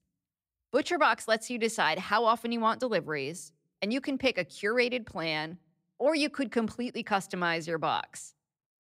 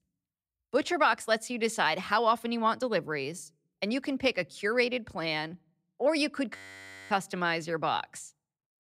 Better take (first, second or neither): first